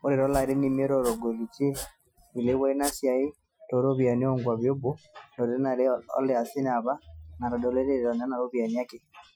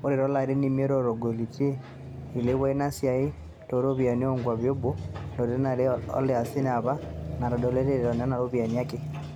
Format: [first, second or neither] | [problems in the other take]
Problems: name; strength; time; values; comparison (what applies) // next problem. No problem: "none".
second | noise reduction (classical method Wiener filter)